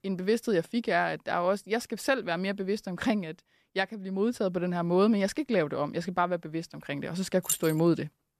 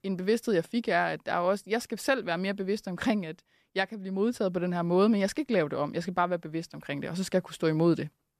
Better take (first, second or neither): second